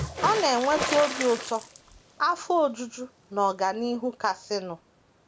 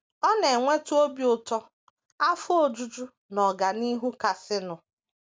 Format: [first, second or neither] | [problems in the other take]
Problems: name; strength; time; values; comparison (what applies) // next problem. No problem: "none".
second | background sound (Water / Splash, splatter); 9 dB below the speech